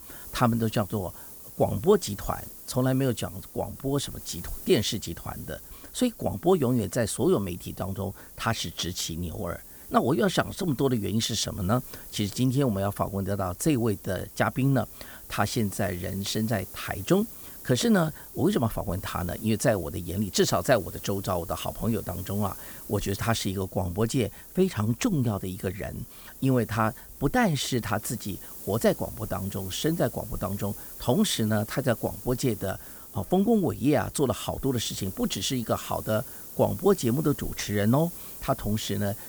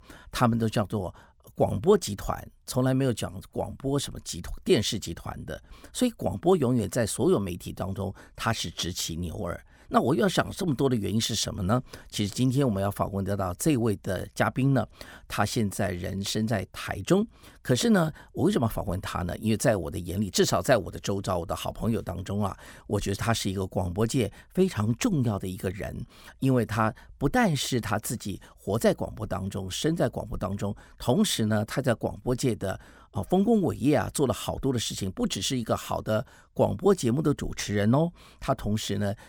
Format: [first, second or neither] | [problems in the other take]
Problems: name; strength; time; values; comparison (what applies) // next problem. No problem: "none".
second | hiss; noticeable; throughout; 15 dB below the speech